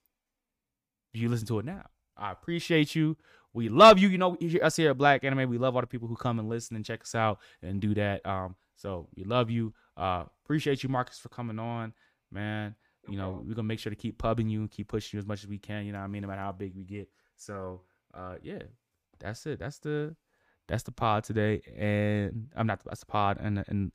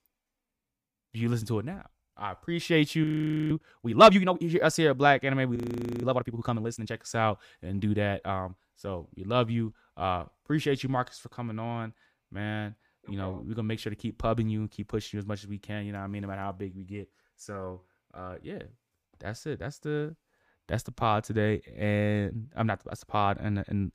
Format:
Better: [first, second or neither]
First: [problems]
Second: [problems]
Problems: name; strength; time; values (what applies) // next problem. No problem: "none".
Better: first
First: none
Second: audio freezing; at 3 s and at 5.5 s